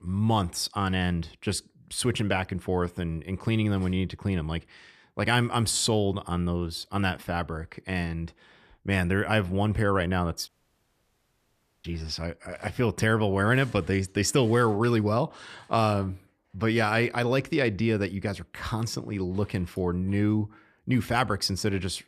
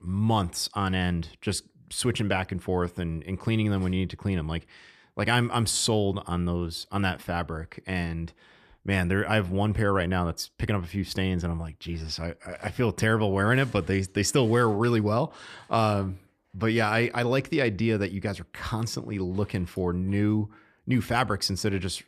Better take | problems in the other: second | audio cutting out; at 10 s for 1.5 s

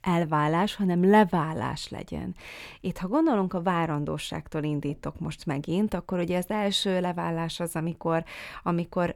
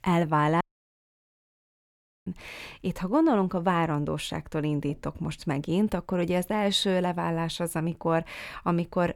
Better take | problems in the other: first | audio cutting out; at 0.5 s for 1.5 s

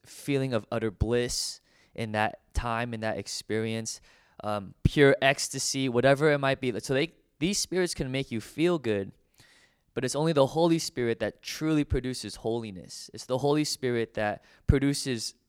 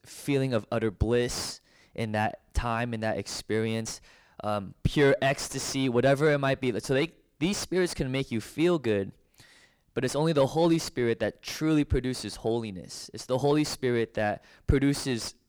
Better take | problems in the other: first | distortion; slight; 10 dB below the speech

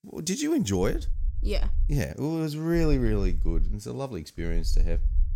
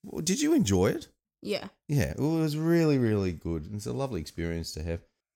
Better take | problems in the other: second | low rumble; faint; from 1 to 2 s, at 3 s and at 4.5 s; 25 dB below the speech

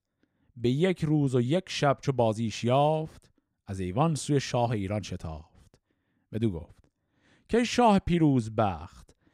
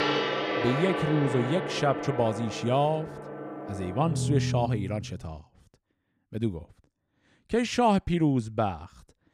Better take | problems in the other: first | background music; loud; until 5 s; 4 dB below the speech

